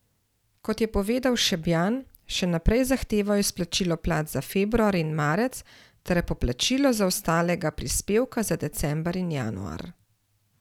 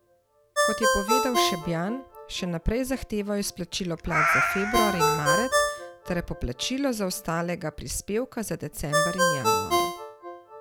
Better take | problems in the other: first | background sound (Meow + Ringtone); 2 dB above the speech

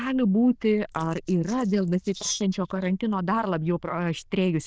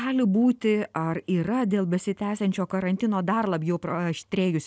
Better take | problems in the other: second | noise reduction (neural diffusion model UNIVERSE++)

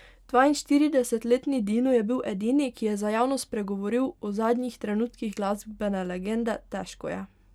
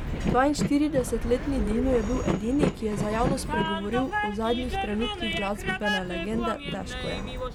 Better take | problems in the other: first | background sound (Train); 2 dB below the speech

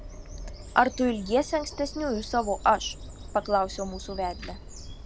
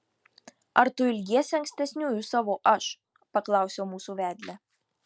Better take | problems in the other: second | background sound (Bird vocalization, bird call, bird song); 12 dB below the speech

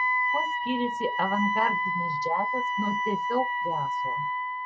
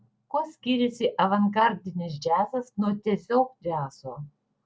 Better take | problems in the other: second | background sound (Wind instrument, woodwind instrument); 4 dB above the speech

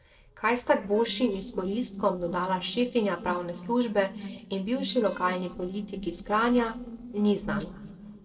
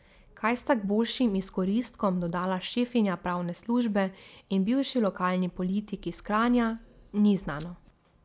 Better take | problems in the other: second | noise reduction (neural separator model SepFormer DNS4)

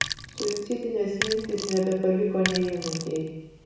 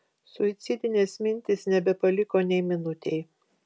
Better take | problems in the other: second | background sound (Sink (filling or washing)); 7 dB below the speech // room echo; dies away in 1.1 s

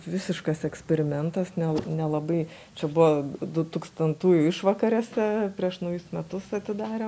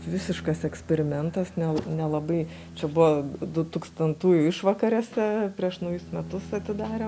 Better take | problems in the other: first | background sound (Bowed string instrument); 17 dB below the speech

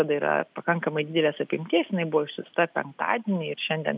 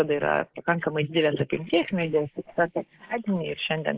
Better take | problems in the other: first | noise reduction (neural mask model Resemble Enhance denoiser)

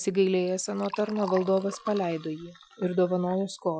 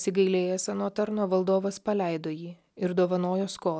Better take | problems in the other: second | noise reduction (classical method Wiener filter)

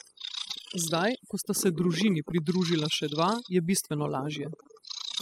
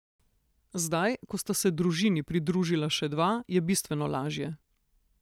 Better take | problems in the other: second | noise reduction (classical method spectral subtraction)

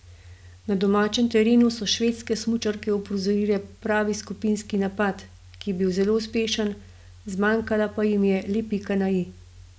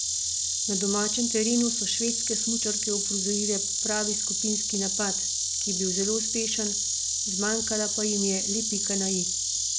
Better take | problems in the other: first | background sound (Insect); 3 dB above the speech

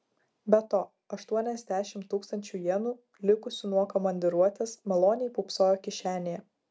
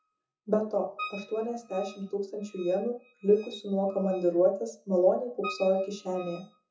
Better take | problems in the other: first | noise reduction (classical method WPE with log-MMSE)

